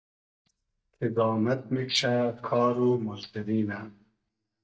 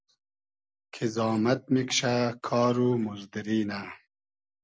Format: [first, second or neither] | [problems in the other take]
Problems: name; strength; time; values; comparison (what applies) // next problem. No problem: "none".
second | noise reduction (neural mask model DeepFilterNet 3)